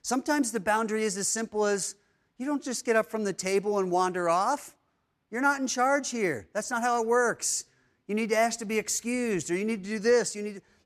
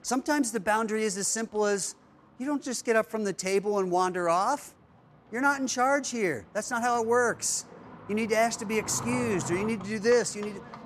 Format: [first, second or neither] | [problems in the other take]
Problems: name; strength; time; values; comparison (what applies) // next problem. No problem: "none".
first | animal sounds; noticeable; throughout; 15 dB below the speech